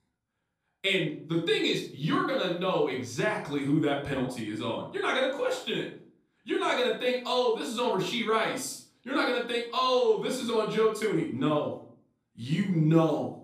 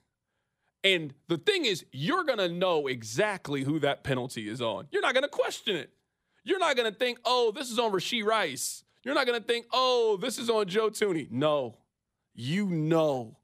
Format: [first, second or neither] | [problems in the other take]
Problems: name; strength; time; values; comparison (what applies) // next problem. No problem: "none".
second | off-mic speech; far // room echo; noticeable; dies away in 0.4 s